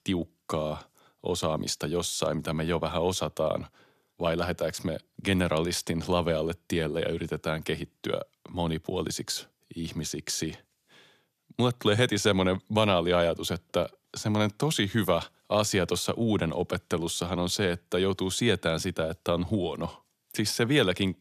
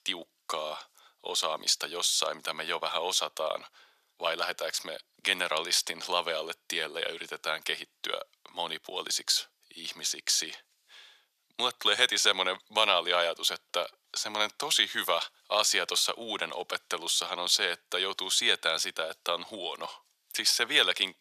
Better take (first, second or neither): first